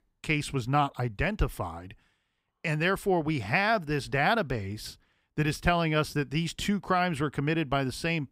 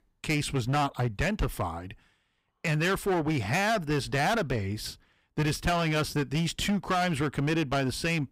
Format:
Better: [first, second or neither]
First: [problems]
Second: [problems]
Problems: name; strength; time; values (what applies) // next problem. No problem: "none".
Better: first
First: none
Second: distortion; heavy; 14% of the sound clipped